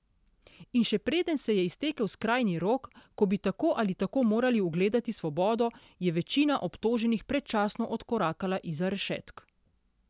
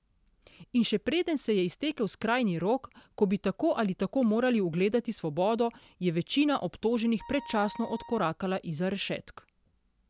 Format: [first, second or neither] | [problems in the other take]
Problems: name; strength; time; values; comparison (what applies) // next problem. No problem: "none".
first | background sound (Wind instrument, woodwind instrument); 17 dB below the speech